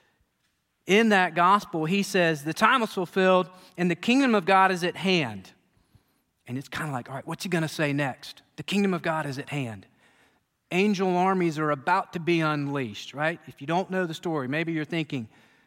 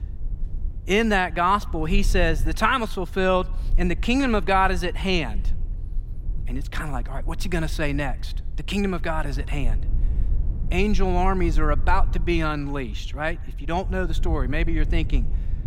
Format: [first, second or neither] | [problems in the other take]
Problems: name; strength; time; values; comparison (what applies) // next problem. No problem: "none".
first | low rumble; faint; throughout; 25 dB below the speech